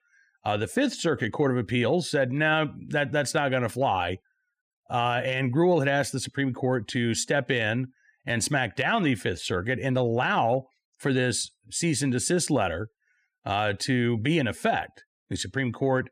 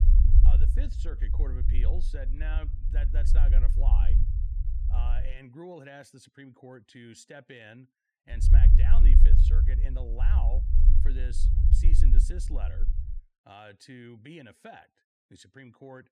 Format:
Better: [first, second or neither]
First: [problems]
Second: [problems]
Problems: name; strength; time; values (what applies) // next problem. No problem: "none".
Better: first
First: none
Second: low rumble; loud; until 5.5 s and from 8.5 to 13 s; 1 dB below the speech